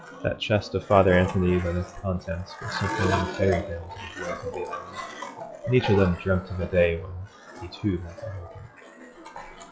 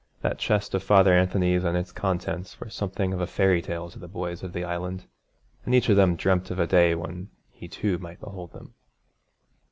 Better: second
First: noise reduction (classical method log-MMSE)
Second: none

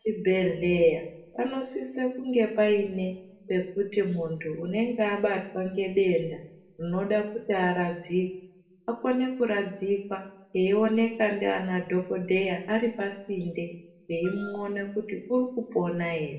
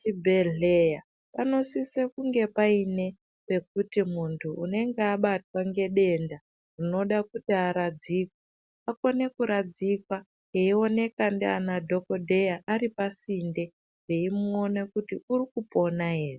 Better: second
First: background sound (Wind instrument, woodwind instrument); 18 dB below the speech // room echo; dies away in 0.6 s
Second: none

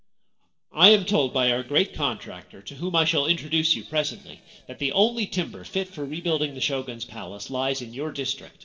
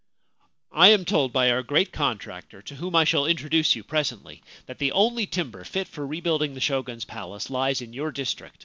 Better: second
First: noise reduction (neural separator model SepFormer DNS4)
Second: none

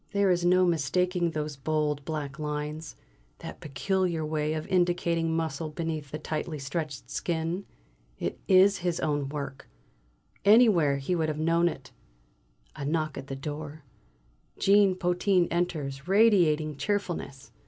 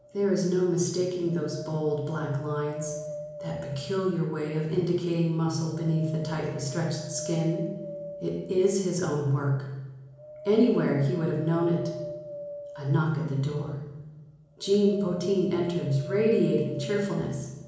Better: first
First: none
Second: background sound (Wind); 14 dB below the speech // room echo; dies away in 1 s

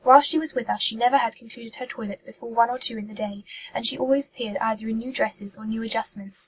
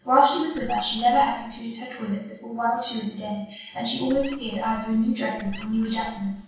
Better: first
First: none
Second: background sound (Squeak); 15 dB below the speech // room echo; dies away in 0.6 s

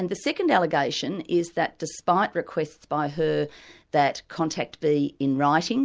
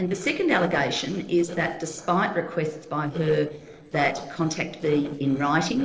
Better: first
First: none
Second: noise reduction (neural separator model SepFormer DNS4)

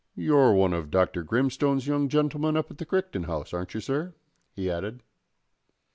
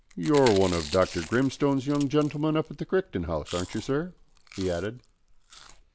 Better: first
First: none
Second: background sound (Tools + Chewing, mastication); 16 dB below the speech

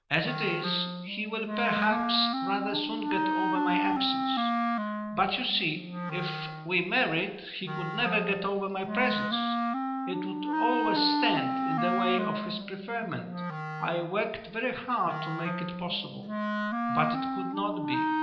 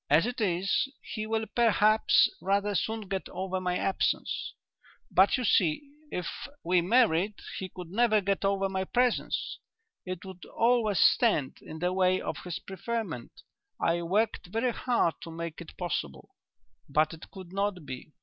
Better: second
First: background sound (Wind instrument, woodwind instrument); as loud as the speech // room echo; dies away in 0.9 s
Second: none

